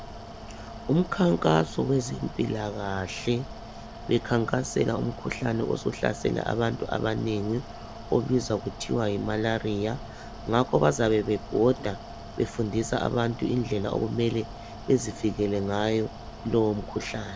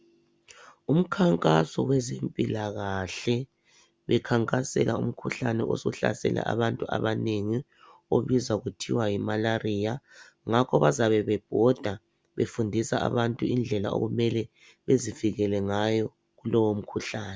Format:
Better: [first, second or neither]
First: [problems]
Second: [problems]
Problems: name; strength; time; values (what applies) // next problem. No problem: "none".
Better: second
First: background sound (Mechanical fan); 13 dB below the speech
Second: none